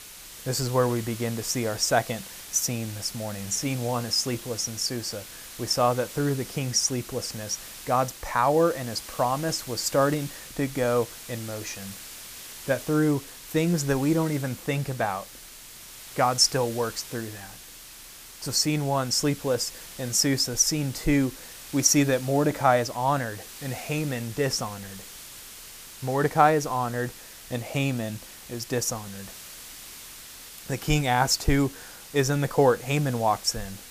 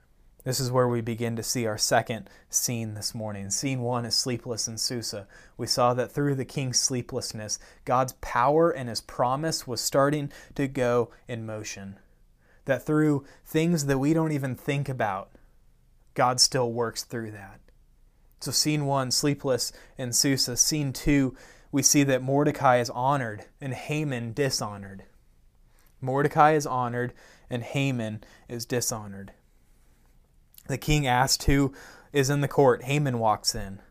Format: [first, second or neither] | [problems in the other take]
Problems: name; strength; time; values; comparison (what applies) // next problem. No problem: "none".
second | hiss; noticeable; throughout; 15 dB below the speech